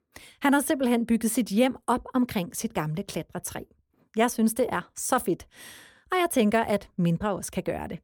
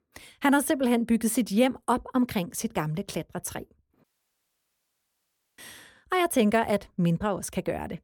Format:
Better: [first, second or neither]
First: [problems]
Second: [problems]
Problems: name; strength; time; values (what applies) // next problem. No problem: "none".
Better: first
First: none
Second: audio cutting out; at 4 s for 1.5 s